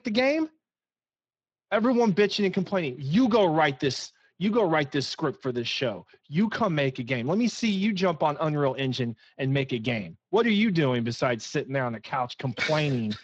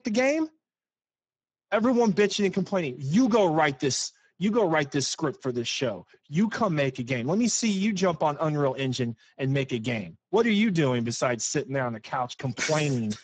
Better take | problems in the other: first | garbled, watery; badly; nothing above 7.5 kHz; slightly in the first

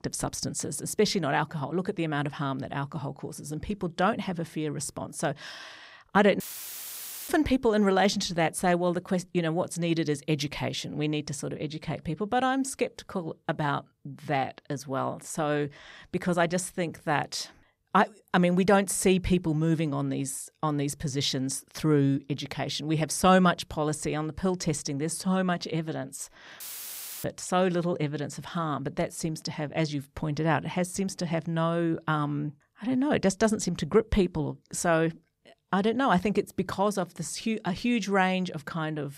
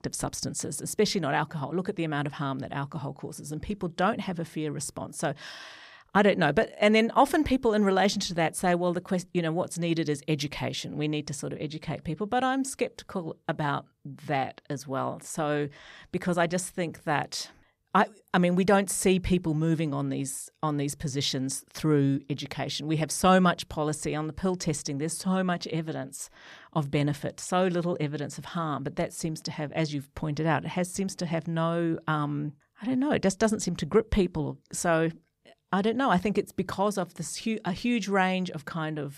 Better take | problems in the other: second | audio cutting out; filled with static; at 6.5 s for 1 s and at 27 s for 0.5 s

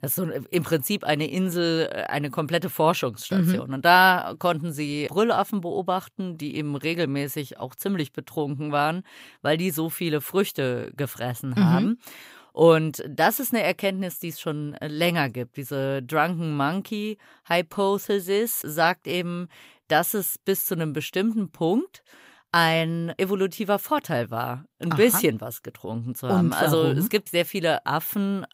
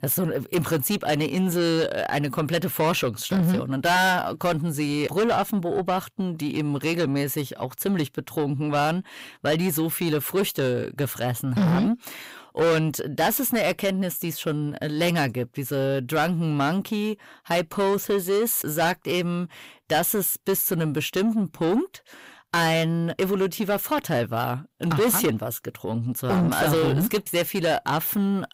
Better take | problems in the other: first | distortion; heavy; 8 dB below the speech

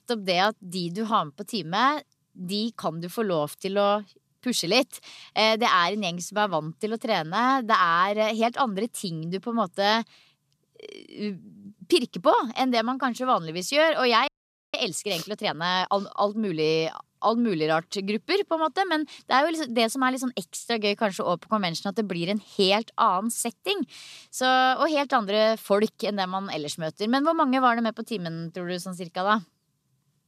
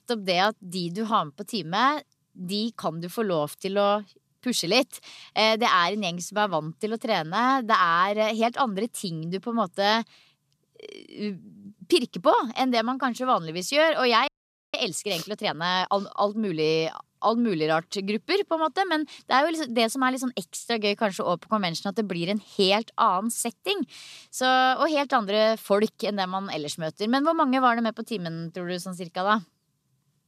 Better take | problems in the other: neither | audio freezing; at 14 s; the same in both

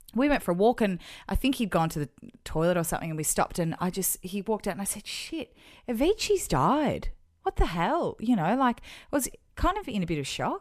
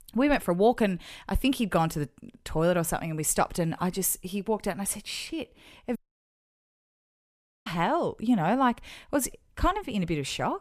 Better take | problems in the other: first | audio cutting out; at 6 s for 1.5 s

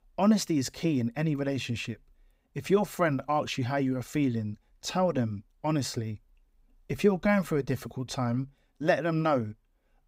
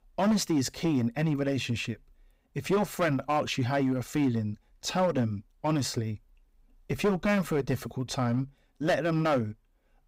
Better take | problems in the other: first | distortion; slight; 6% of the sound clipped

